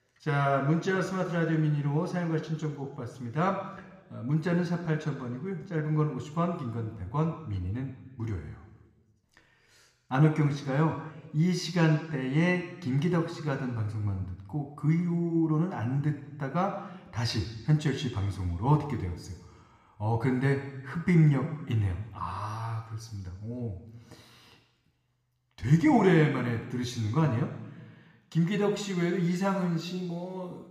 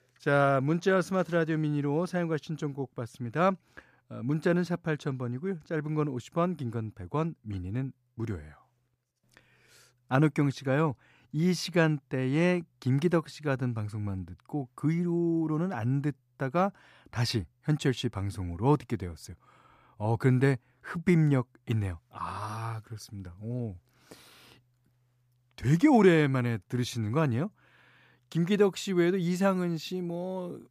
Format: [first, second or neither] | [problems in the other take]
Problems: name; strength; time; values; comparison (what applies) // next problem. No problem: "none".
second | room echo; slight; dies away in 1.1 s // off-mic speech; somewhat distant